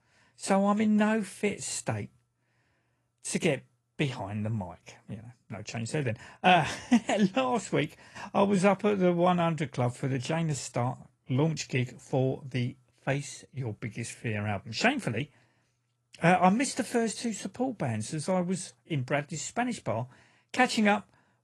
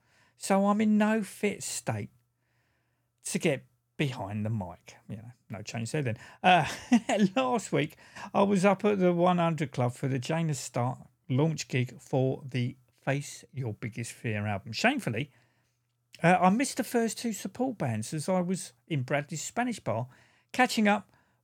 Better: second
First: garbled, watery; slightly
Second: none

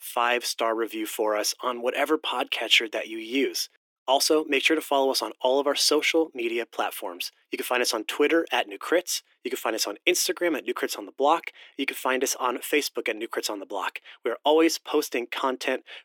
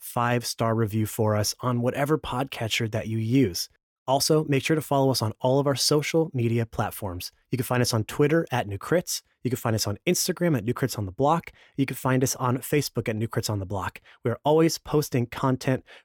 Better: second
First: thin; somewhat; fading below 300 Hz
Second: none

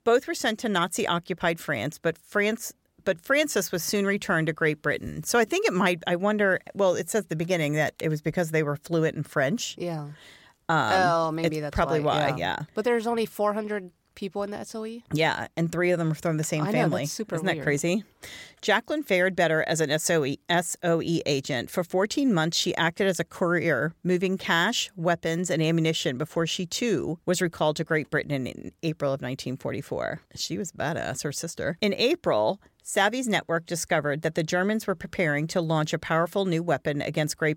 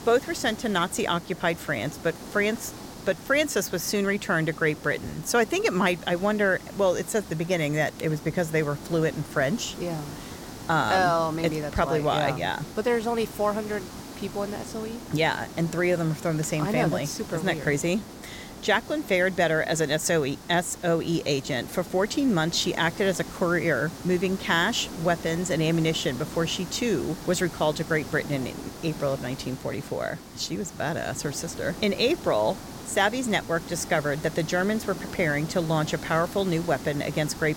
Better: first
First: none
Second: hiss; noticeable; throughout; 15 dB below the speech

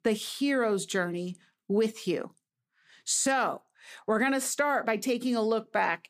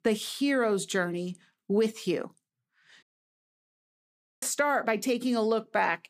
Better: first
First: none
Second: audio cutting out; at 3 s for 1.5 s

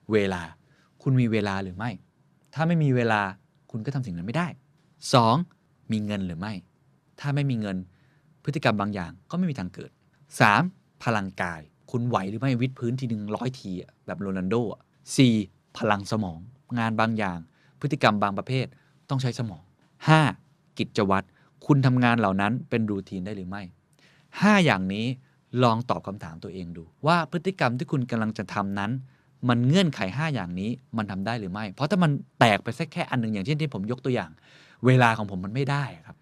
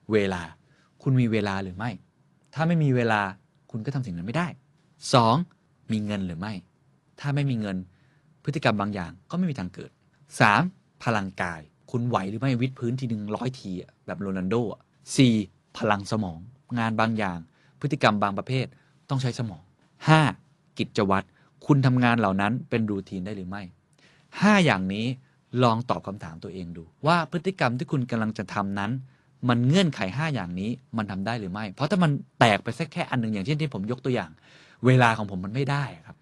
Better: first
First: none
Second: garbled, watery; slightly

